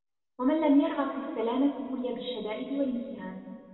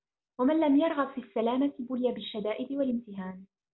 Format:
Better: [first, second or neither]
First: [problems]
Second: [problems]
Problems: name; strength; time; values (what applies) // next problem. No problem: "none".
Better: second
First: room echo; dies away in 2.3 s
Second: none